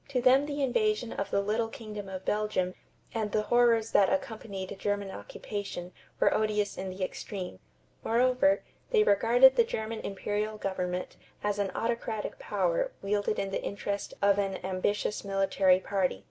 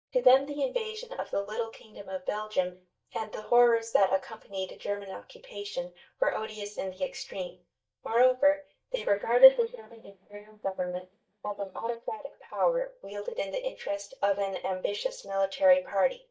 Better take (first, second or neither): first